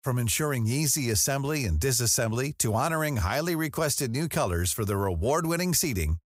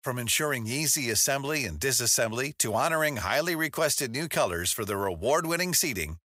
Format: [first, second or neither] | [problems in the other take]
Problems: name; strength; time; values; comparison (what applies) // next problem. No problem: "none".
first | thin; somewhat; fading below 600 Hz